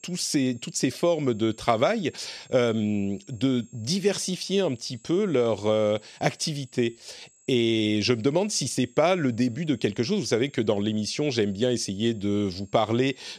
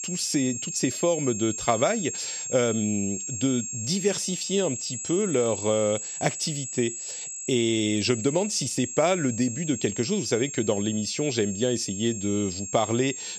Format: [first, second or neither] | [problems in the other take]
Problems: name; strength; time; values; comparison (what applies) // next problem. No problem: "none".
first | high-pitched whine; loud; throughout; 7.5 kHz, 6 dB below the speech; faint in the first